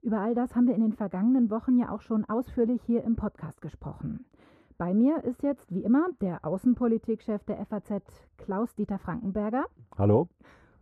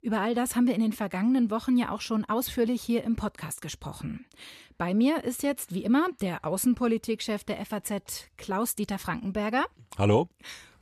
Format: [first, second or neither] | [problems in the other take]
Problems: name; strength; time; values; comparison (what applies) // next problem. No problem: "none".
second | muffled; very; fading above 1.5 kHz